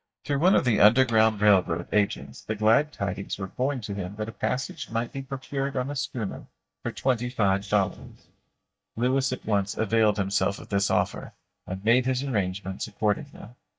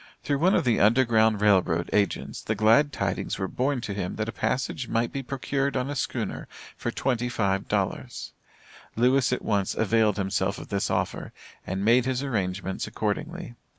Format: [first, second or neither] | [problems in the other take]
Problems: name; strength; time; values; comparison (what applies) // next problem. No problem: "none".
second | noise reduction (neural mask model DeepFilterNet 3)